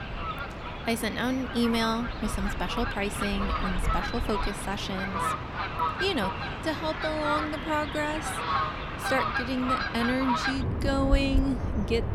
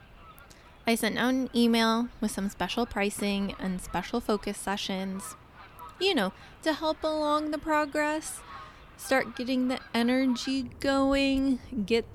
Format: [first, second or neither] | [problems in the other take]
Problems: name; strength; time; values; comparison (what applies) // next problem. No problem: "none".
second | animal sounds; loud; throughout; 1 dB below the speech; faint in the second